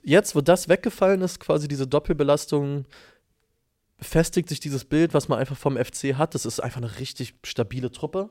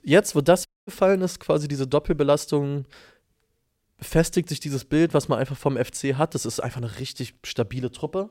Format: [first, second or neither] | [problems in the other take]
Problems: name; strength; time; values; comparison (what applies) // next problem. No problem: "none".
first | audio cutting out; at 0.5 s